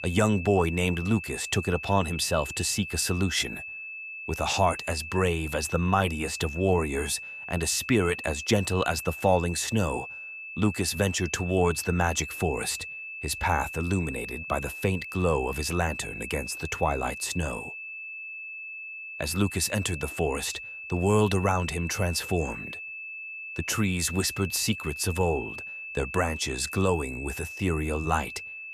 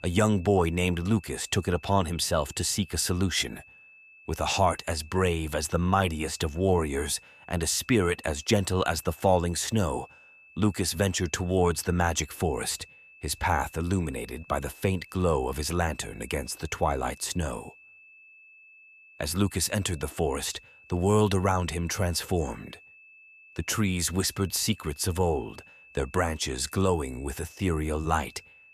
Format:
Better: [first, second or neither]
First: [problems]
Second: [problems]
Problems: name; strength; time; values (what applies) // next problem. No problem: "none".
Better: second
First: high-pitched whine; loud; throughout; 2.5 kHz, 9 dB below the speech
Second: high-pitched whine; faint; throughout; 2.5 kHz, 25 dB below the speech